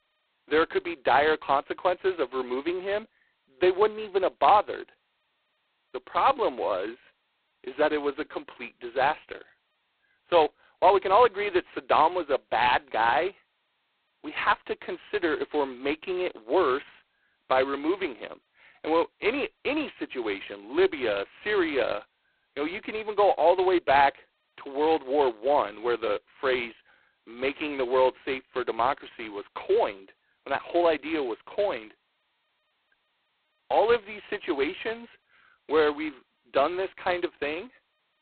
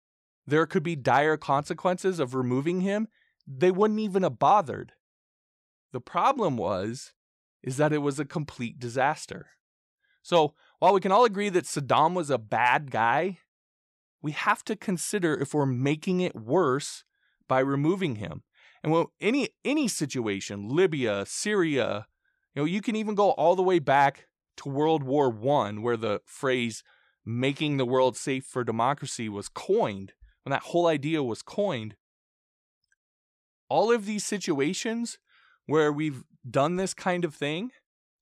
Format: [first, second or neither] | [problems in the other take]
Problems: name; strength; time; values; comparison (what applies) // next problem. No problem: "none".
second | phone-call audio; poor line; nothing above 4 kHz